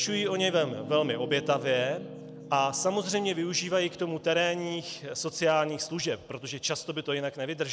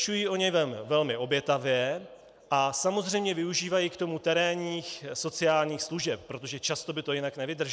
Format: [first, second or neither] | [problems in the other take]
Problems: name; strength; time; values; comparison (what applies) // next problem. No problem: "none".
second | background sound (Piano); 15 dB below the speech